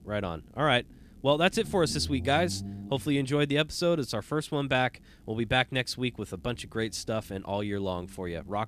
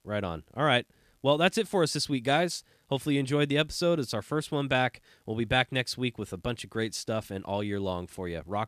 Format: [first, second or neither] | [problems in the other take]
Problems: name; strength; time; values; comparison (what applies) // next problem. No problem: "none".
second | low rumble; faint; throughout; 25 dB below the speech